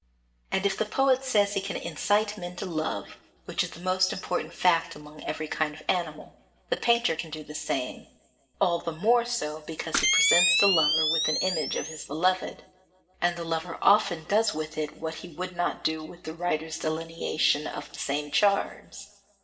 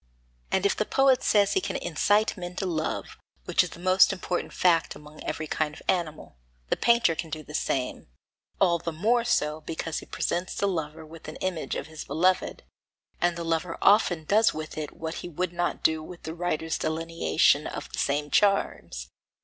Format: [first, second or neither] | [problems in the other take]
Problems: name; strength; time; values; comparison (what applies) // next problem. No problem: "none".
second | background sound (Camera); 1 dB above the speech // room echo; dies away in 1 s